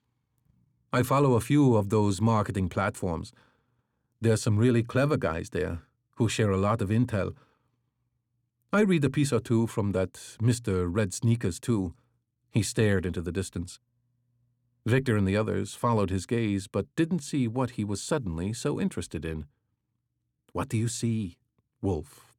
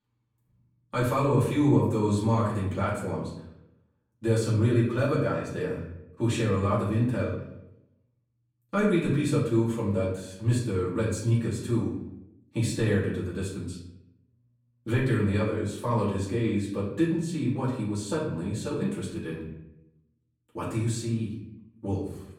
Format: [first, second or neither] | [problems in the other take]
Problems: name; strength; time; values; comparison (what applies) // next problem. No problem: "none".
first | off-mic speech; far // room echo; noticeable; dies away in 0.7 s